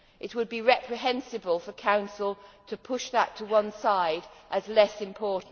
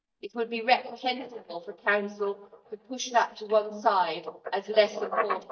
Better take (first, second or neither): first